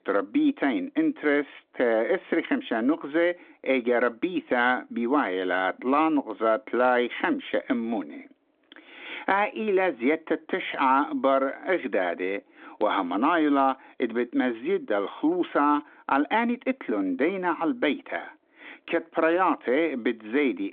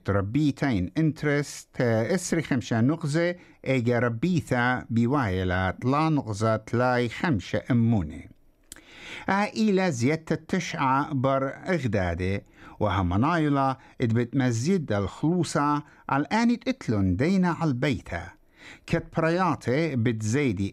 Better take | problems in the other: second | phone-call audio; nothing above 3.5 kHz

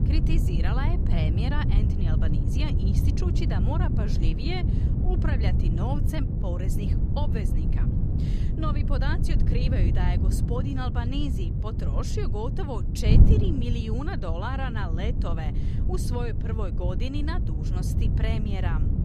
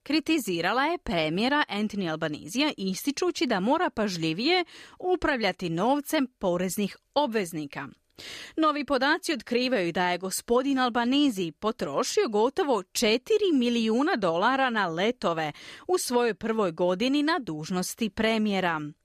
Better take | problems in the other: second | wind noise on the microphone; heavy; 3 dB below the speech

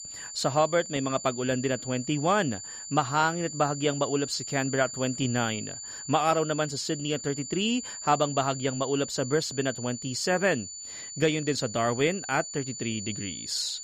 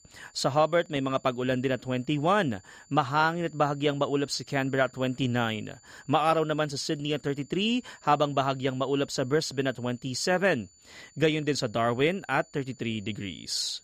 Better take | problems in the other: second | high-pitched whine; loud; throughout; 7 kHz, 9 dB below the speech; faint in the second

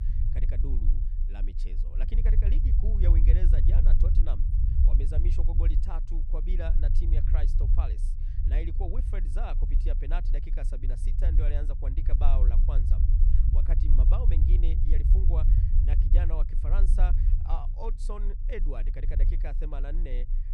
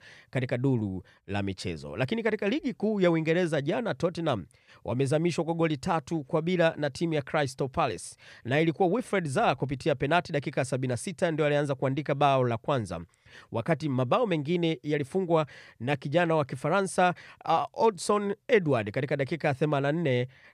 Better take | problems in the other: second | low rumble; loud; throughout; 3 dB below the speech

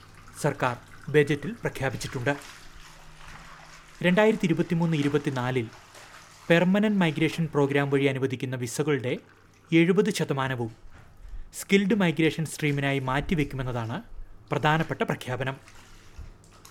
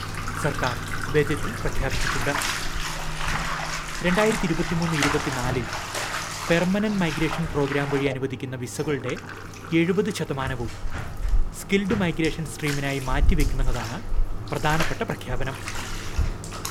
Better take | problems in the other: first | household noises; loud; throughout; 4 dB below the speech; faint in the first

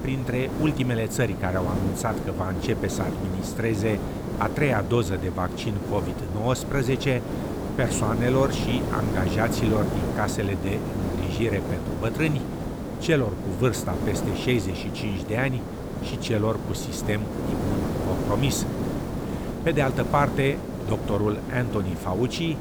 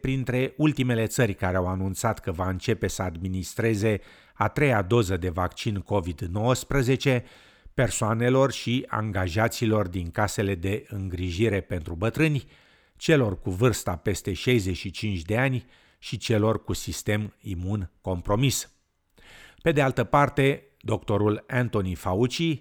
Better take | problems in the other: second | hiss; loud; throughout; 3 dB below the speech

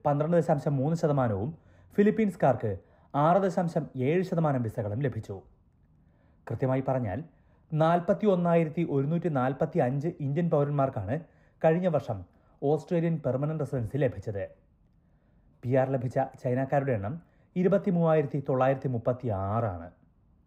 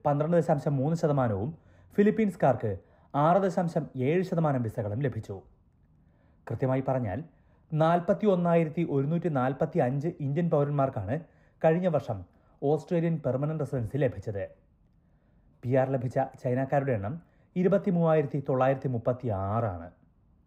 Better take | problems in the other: neither | muffled; very; fading above 2 kHz; the same in both

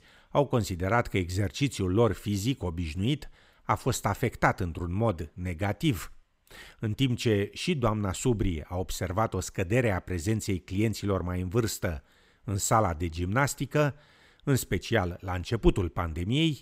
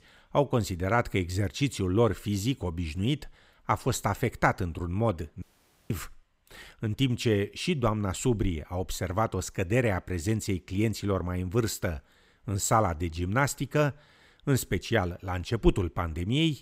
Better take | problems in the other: first | audio cutting out; at 5.5 s

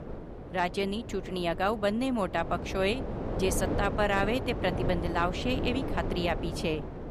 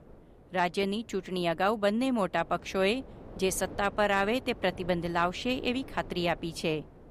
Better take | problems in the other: second | wind noise on the microphone; heavy; 8 dB below the speech; occasional gusts in the second

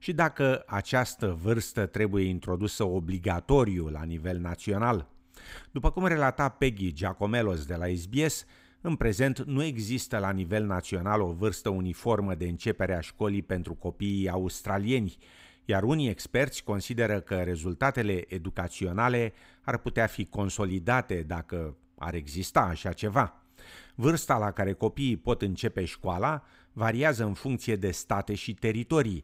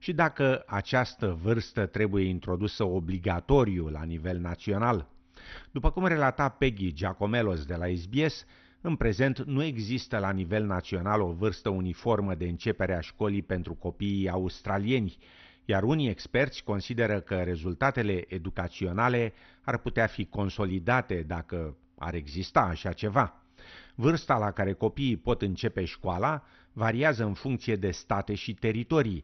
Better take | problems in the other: first | garbled, watery; slightly; nothing above 6 kHz

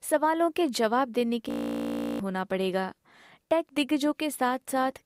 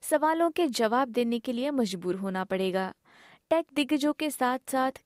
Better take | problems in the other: second | audio freezing; at 1.5 s for 0.5 s

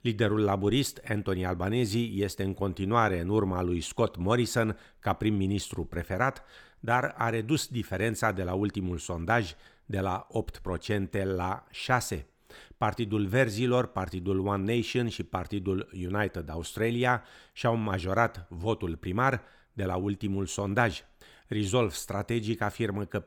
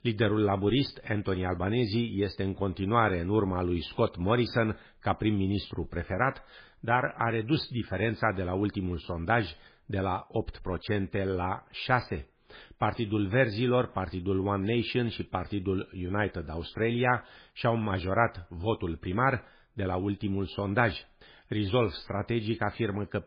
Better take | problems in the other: first | garbled, watery; badly; nothing above 4.5 kHz

